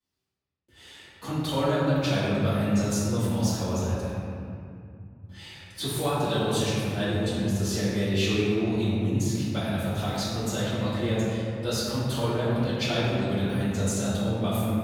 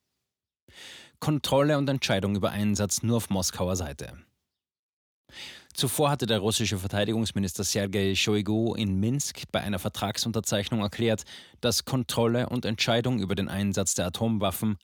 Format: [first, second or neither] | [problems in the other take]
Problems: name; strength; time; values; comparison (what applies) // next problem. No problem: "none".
second | off-mic speech; far // room echo; strong; dies away in 2.8 s